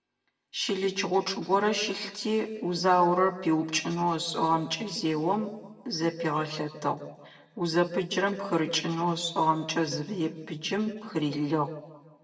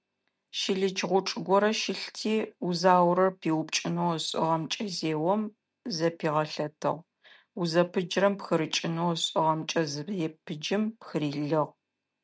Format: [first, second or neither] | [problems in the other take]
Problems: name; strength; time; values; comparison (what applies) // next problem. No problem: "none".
second | room echo; dies away in 1.1 s